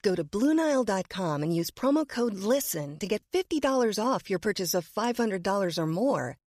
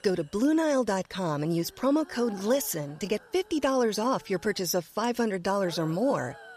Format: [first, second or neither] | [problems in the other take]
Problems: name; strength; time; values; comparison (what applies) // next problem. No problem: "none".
first | hiss; faint; throughout; 20 dB below the speech